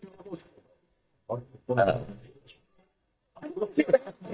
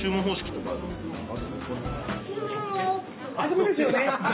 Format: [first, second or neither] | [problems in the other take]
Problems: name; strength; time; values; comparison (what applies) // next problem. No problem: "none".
second | noise reduction (neural mask model DeepFilterNet 3)